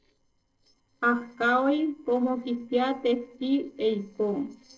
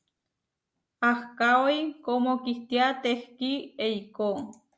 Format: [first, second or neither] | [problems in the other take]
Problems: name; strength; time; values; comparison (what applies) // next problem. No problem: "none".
second | noise reduction (neural separator model SepFormer DNS4)